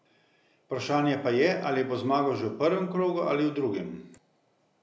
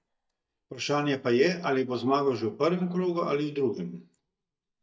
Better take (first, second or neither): first